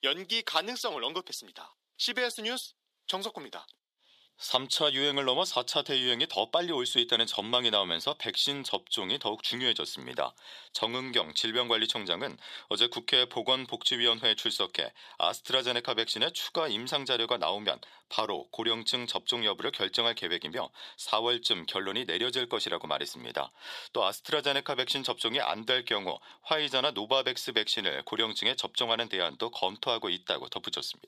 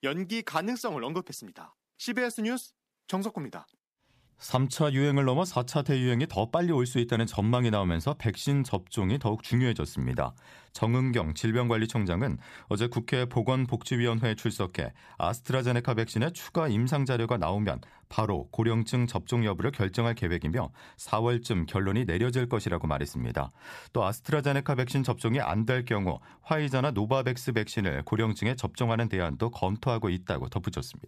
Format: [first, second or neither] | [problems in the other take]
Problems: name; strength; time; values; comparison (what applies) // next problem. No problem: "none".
second | thin; very; fading below 450 Hz